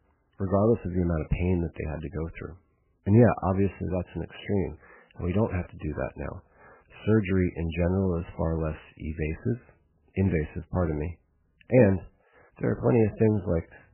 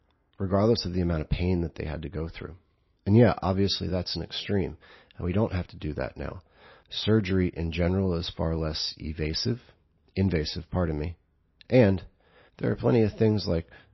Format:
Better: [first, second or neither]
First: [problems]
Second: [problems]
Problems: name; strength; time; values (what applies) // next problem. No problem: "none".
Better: second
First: garbled, watery; badly; nothing above 3 kHz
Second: garbled, watery; slightly; nothing above 5.5 kHz